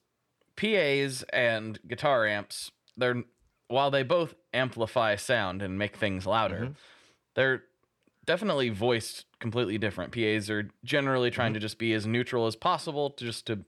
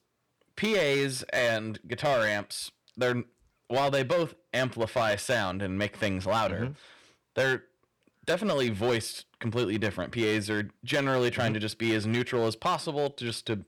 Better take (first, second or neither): first